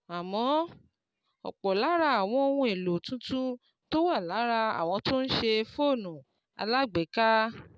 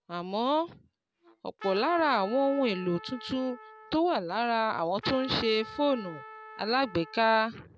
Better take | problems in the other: first | background sound (Trumpet); 17 dB below the speech

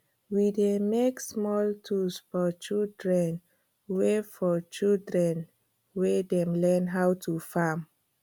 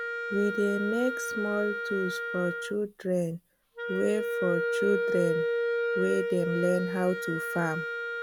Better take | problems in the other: first | background sound (Wind instrument, woodwind instrument); 1 dB below the speech

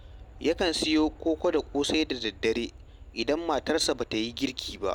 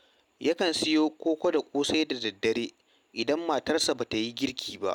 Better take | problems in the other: second | background sound (Aircraft); 18 dB below the speech

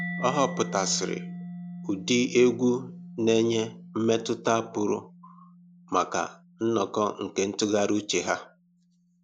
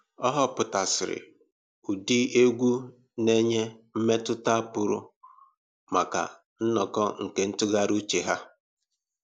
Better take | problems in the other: second | background sound (Mallet percussion); 13 dB below the speech

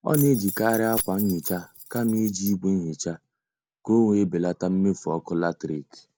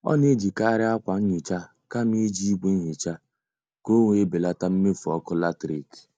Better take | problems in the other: second | background sound (Keys jangling); 9 dB below the speech

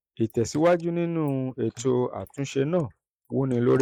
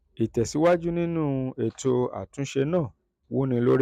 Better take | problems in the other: second | noise reduction (neural mask model Resemble Enhance denoiser)

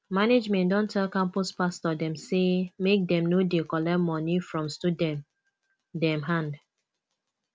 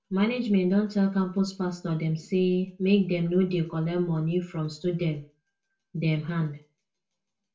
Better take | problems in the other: first | room echo; dies away in 0.3 s

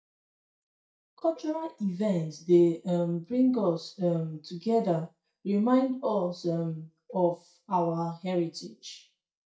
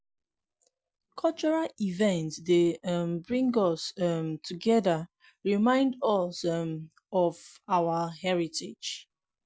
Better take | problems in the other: second | noise reduction (neural mask model DeepFilterNet 3)

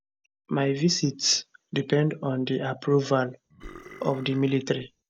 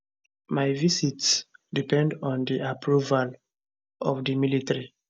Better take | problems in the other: second | background sound (Burping, eructation); 20 dB below the speech

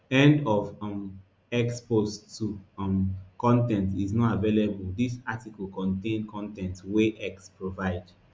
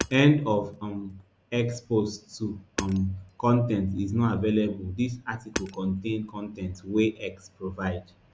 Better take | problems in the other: first | background sound (Hammer); 16 dB below the speech

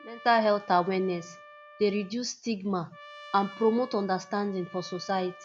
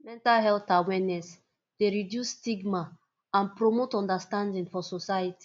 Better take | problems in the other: second | background sound (Trumpet); 20 dB below the speech

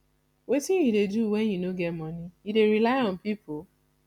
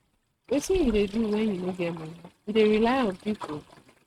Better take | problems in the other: first | noise reduction (neural mask model RNNoise)

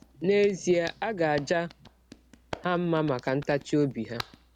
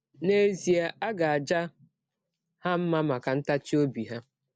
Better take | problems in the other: second | background sound (Hands); 18 dB below the speech

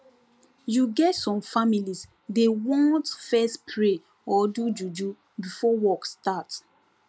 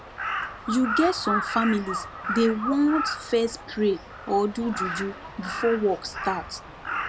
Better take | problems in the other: first | background sound (Crow); 6 dB below the speech

